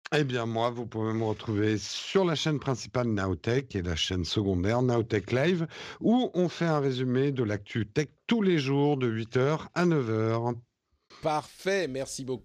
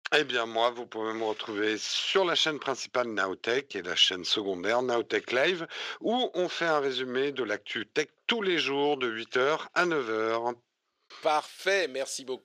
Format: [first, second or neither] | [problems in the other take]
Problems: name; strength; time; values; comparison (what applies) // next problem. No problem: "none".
first | thin; very; fading below 500 Hz